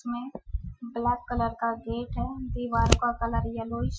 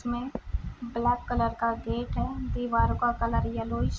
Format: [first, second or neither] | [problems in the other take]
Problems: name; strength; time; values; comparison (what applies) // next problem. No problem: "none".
second | noise reduction (classical method Wiener filter)